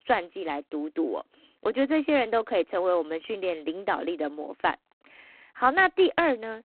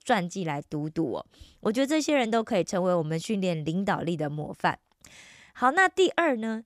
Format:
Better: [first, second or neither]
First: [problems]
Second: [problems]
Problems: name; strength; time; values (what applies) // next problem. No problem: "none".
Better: second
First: phone-call audio; poor line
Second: none